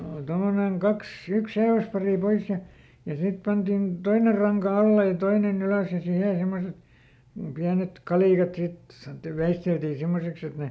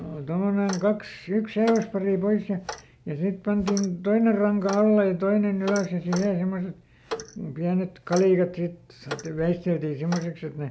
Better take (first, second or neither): first